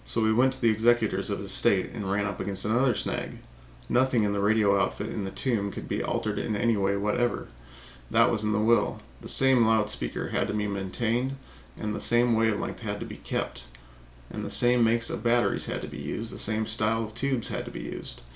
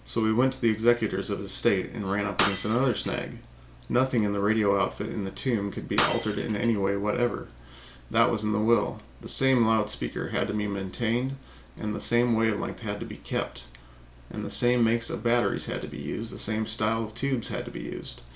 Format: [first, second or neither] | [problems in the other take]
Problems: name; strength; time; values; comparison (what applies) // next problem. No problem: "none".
first | background sound (Shatter); 8 dB below the speech